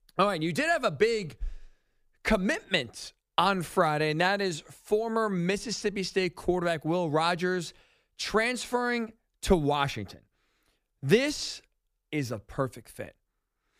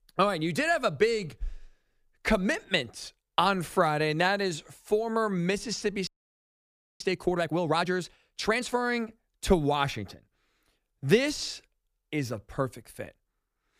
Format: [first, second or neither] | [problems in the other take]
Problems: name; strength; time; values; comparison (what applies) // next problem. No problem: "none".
first | audio freezing; at 6 s for 1 s